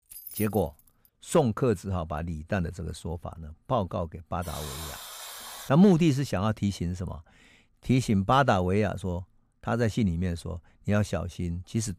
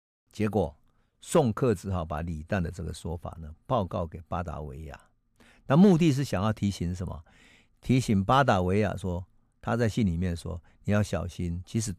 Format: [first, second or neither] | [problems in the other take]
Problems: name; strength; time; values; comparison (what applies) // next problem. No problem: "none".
second | jangling keys; faint; at the start; peak 10 dB below the speech // alarm; faint; from 4.5 to 5.5 s; peak 10 dB below the speech